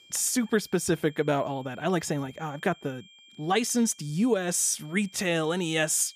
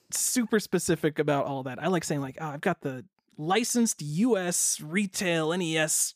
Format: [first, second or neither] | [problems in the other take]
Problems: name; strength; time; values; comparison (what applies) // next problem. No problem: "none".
second | high-pitched whine; faint; throughout; 3 kHz, 25 dB below the speech